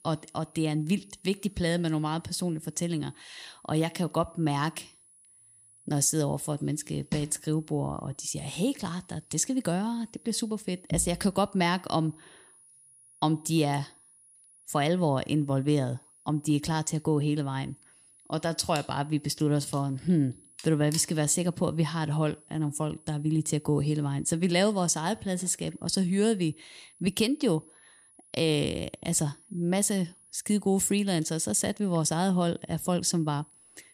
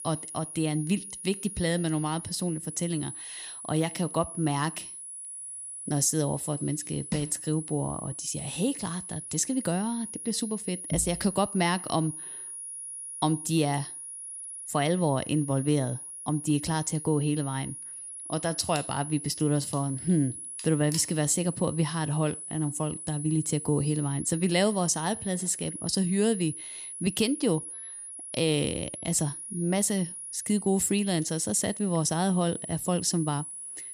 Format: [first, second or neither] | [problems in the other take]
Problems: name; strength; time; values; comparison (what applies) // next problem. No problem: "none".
first | high-pitched whine; loud; throughout; 10.5 kHz, 9 dB below the speech; faint in the first